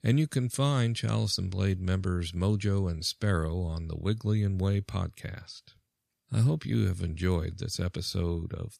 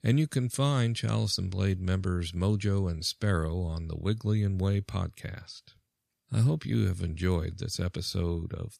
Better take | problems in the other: neither | none

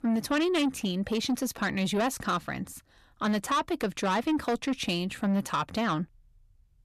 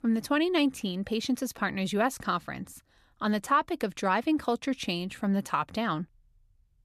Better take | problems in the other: second | distortion; slight; 10 dB below the speech

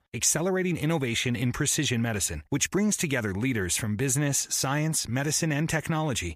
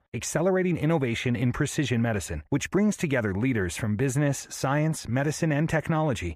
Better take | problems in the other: first | muffled; slightly; fading above 3 kHz

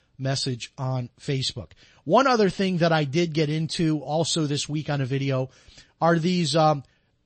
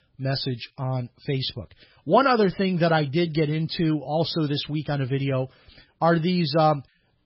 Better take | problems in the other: first | garbled, watery; badly; nothing above 5 kHz; slightly in the first

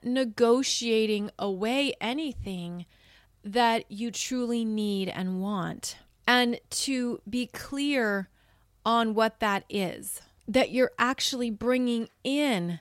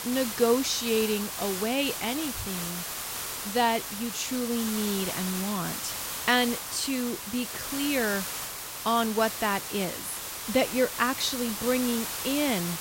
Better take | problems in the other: first | hiss; loud; throughout; 4 dB below the speech

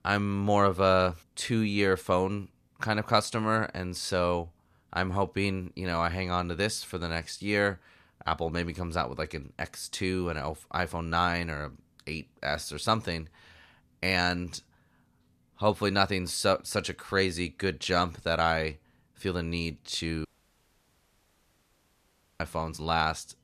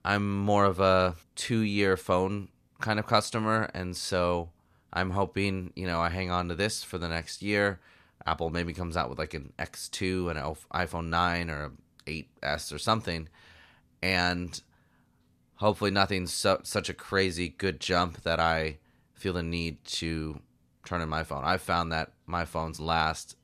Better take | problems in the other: second | audio cutting out; at 20 s for 2 s

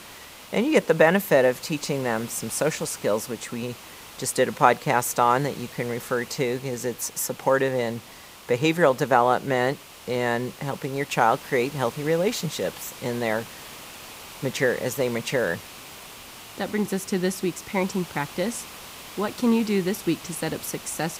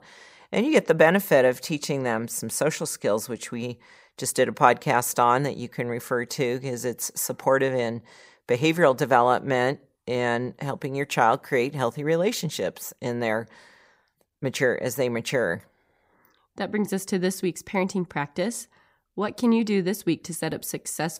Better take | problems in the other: second | hiss; noticeable; throughout; 15 dB below the speech

